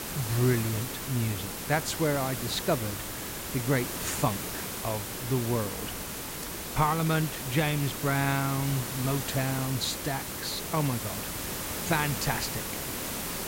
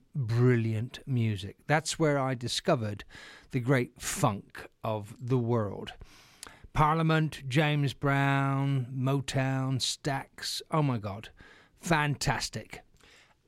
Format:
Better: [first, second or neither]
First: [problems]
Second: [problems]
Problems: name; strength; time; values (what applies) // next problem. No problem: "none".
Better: second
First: hiss; loud; throughout; 4 dB below the speech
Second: none